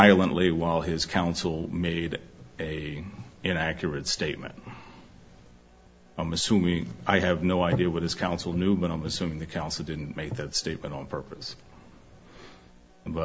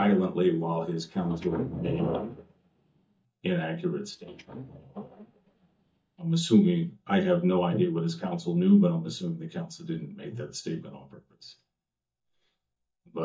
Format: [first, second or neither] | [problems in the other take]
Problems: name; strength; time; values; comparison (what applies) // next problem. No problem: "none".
first | noise reduction (neural mask model DeepFilterNet 3)